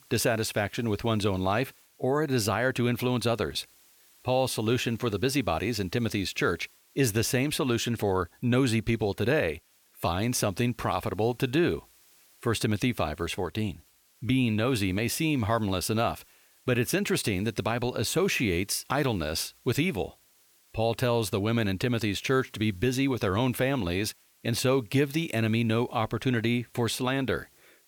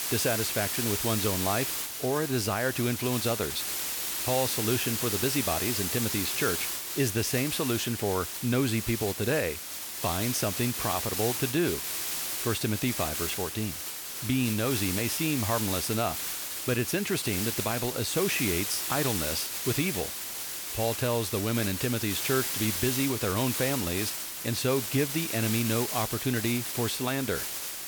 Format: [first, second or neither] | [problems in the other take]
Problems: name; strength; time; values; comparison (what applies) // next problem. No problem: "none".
first | hiss; loud; throughout; 1 dB below the speech; faint in the first